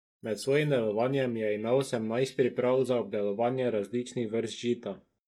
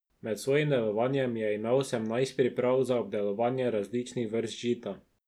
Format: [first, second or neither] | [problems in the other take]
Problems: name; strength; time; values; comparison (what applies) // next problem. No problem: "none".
second | noise reduction (neural mask model DeepFilterNet 3)